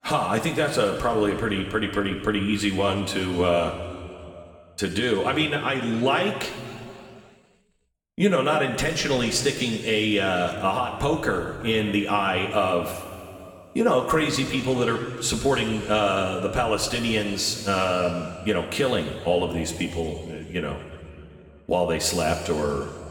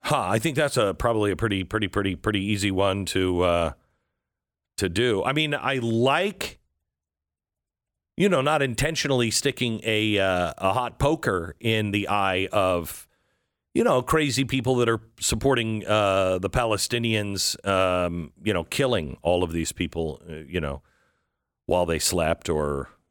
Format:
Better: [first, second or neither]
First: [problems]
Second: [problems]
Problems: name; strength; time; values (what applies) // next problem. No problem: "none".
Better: second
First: room echo; noticeable; dies away in 2.2 s // off-mic speech; somewhat distant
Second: none